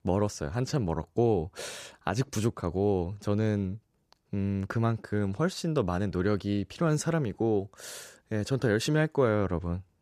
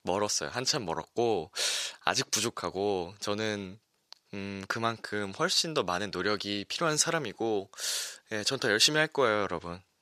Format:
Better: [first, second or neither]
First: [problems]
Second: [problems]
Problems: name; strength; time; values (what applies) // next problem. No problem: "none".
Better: first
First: none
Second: thin; somewhat; fading below 1 kHz